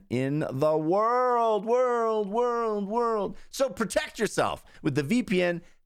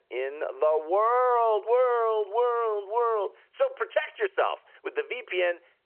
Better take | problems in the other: first | phone-call audio

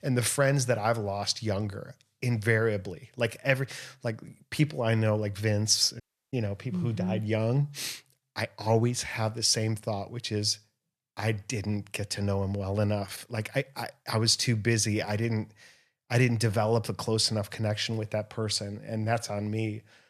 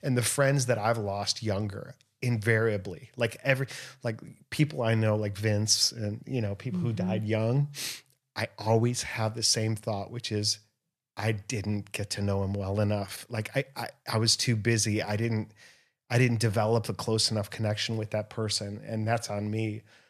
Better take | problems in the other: second | audio cutting out; at 6 s

